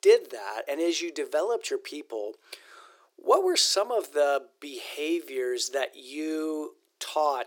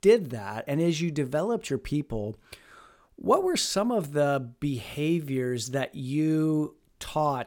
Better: second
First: thin; very; fading below 350 Hz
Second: none

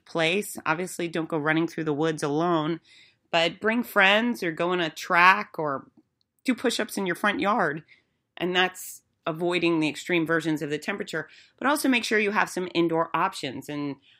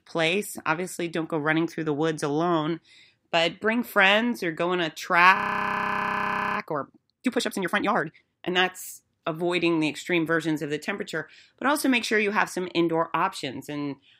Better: first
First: none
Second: audio freezing; at 5.5 s for 1 s

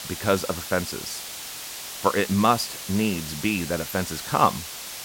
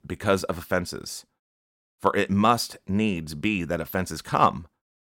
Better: second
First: hiss; loud; throughout; 8 dB below the speech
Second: none

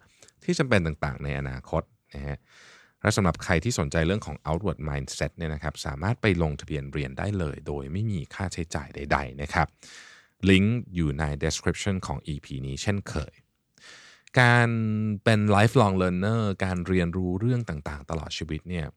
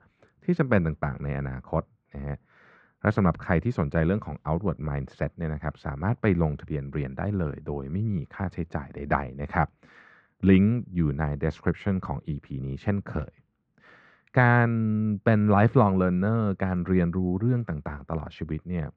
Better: first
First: none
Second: muffled; very; fading above 1.5 kHz

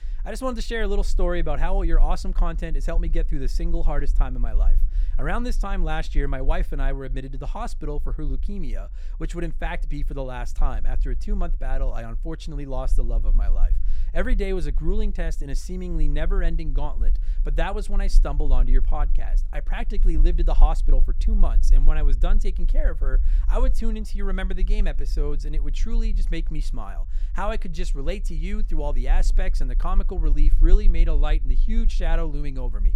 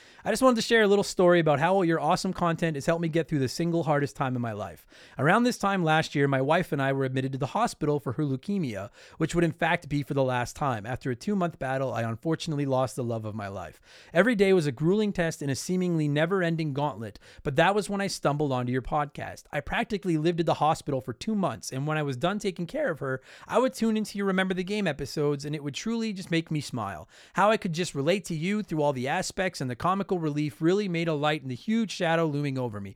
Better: second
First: low rumble; faint; throughout; 20 dB below the speech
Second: none

